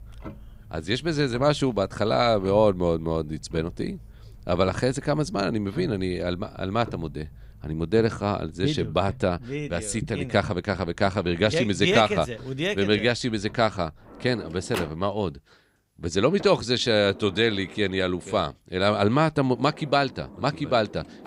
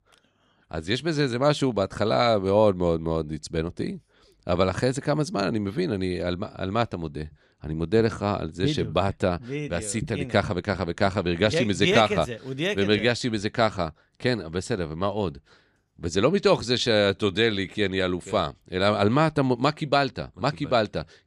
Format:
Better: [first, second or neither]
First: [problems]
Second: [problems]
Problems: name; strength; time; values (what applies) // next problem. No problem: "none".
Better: second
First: household noises; noticeable; throughout; 20 dB below the speech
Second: none